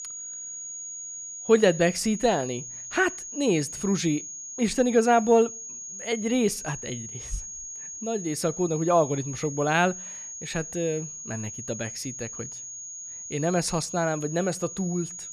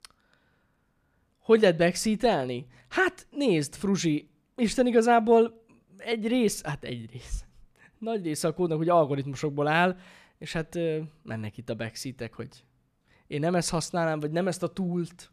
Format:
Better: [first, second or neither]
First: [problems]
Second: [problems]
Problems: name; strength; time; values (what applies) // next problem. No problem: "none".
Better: second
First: high-pitched whine; loud; throughout; 6.5 kHz, 10 dB below the speech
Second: none